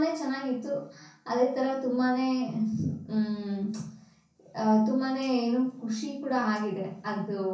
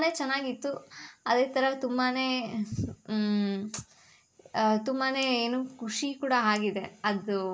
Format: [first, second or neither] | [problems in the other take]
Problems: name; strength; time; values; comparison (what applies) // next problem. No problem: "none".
second | room echo; dies away in 0.6 s